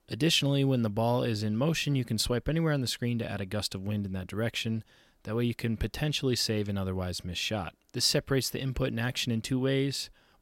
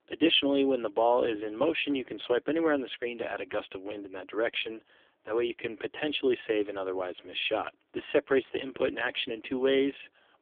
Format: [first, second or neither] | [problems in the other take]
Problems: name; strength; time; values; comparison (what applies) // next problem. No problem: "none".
first | phone-call audio; poor line; nothing above 3.5 kHz